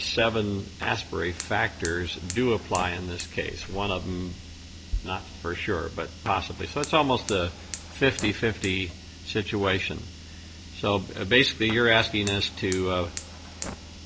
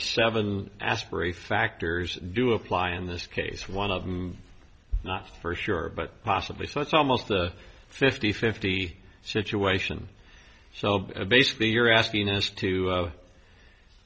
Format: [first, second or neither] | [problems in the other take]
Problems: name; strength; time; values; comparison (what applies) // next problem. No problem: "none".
second | background sound (Fire + Car); 13 dB below the speech